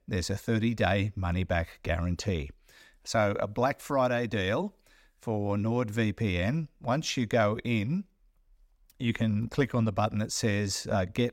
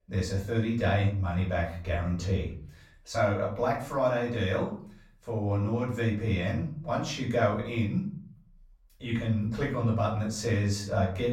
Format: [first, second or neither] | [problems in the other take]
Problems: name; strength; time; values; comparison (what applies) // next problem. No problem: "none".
first | off-mic speech; far // room echo; slight; dies away in 0.5 s